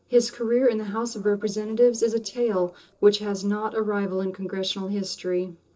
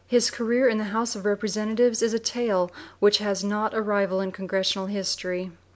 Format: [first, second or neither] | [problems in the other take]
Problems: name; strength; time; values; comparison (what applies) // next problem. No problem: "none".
second | noise reduction (neural separator model SepFormer DNS4)